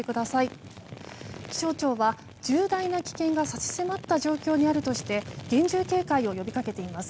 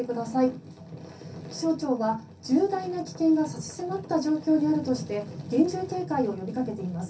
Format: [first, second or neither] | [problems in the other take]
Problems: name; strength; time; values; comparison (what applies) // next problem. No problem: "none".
first | room echo; dies away in 0.3 s